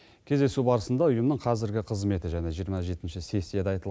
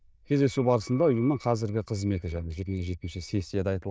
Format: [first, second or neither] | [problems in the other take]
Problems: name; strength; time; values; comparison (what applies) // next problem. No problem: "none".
first | noise reduction (neural diffusion model UNIVERSE++)